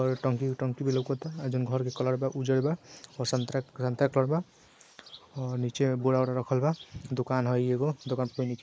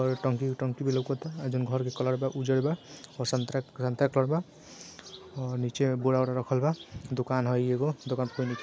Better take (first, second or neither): second